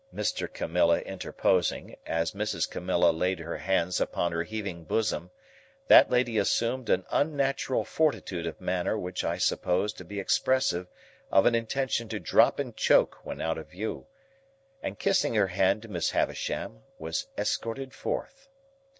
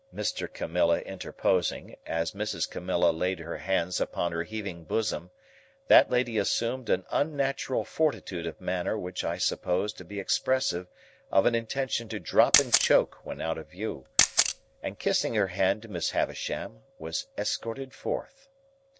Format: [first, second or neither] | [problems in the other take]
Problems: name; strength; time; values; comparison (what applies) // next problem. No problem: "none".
first | background sound (Camera); as loud as the speech